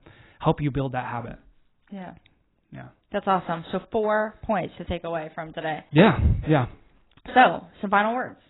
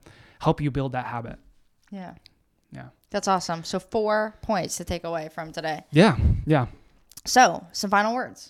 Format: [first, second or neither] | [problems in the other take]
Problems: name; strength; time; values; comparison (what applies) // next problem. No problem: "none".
second | garbled, watery; badly; nothing above 4 kHz